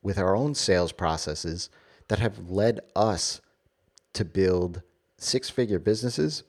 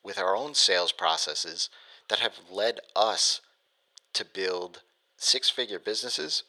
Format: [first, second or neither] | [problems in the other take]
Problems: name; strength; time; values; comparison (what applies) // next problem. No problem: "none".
first | thin; very; fading below 750 Hz